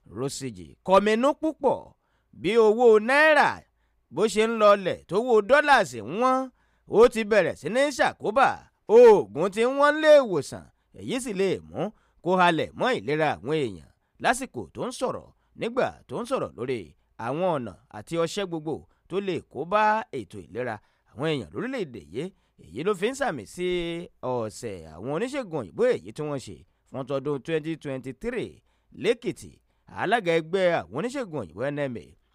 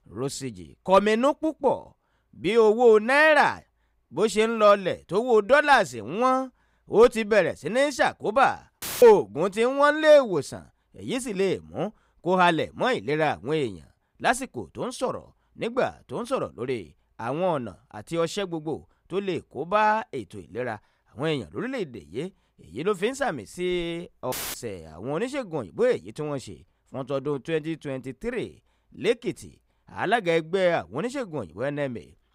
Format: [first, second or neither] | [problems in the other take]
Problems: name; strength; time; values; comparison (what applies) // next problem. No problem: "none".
first | audio cutting out; filled with static; at 9 s and at 24 s